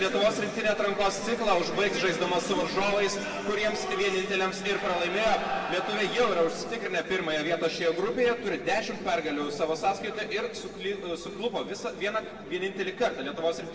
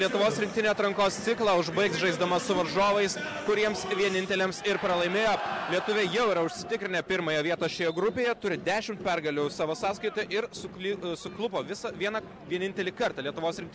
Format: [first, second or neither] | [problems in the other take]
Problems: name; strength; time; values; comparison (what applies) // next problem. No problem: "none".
second | room echo; dies away in 1.6 s